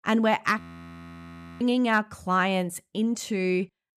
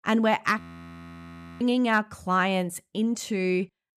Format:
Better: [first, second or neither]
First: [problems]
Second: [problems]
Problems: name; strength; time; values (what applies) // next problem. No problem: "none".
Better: neither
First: audio freezing; at 0.5 s for 1 s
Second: audio freezing; at 0.5 s for 1 s